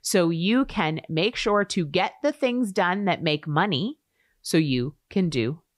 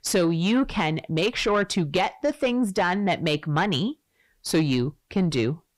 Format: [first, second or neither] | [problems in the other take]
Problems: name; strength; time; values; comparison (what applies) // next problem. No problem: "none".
first | distortion; slight; 10 dB below the speech